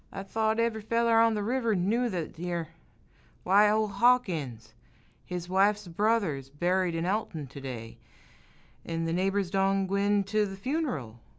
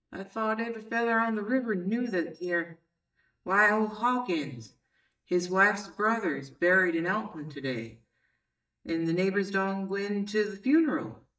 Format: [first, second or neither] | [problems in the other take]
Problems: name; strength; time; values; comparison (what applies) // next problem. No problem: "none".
first | noise reduction (neural mask model DeepFilterNet 3)